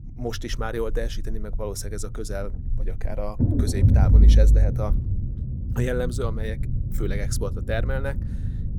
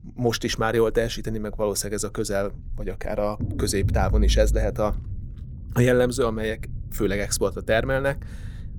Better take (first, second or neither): second